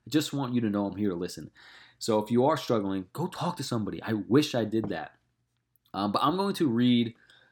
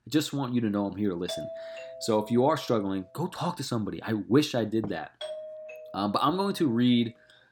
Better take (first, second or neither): first